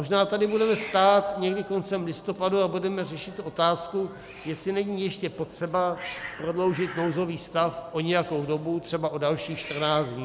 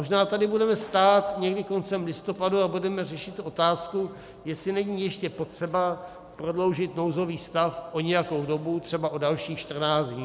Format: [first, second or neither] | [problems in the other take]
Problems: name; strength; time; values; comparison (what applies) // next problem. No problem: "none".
second | background sound (Hiss); 18 dB below the speech